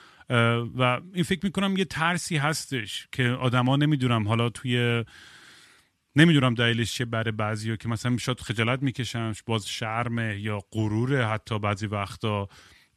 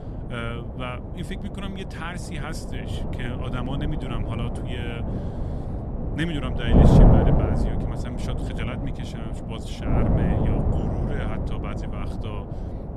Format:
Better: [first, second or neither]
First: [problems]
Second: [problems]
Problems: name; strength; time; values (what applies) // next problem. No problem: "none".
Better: first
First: none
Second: wind noise on the microphone; heavy; 4 dB above the speech